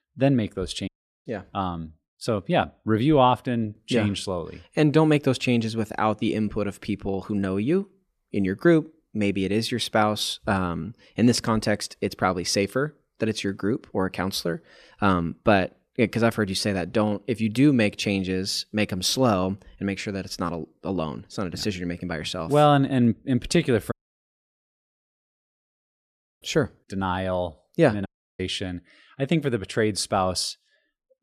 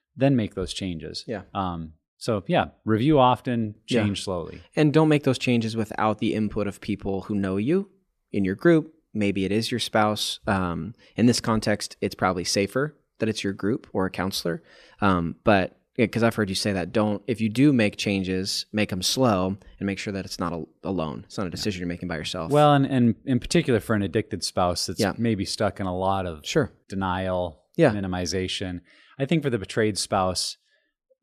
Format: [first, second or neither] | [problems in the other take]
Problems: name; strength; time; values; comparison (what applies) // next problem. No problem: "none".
second | audio cutting out; at 1 s, at 24 s for 2.5 s and at 28 s